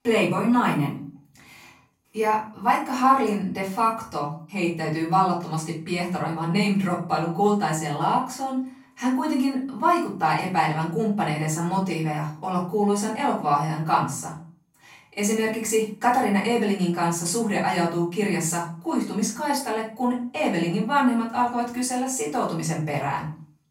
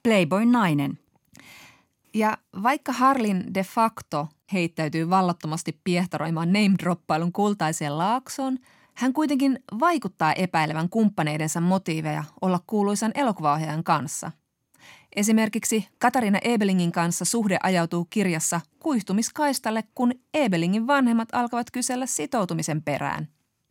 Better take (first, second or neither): second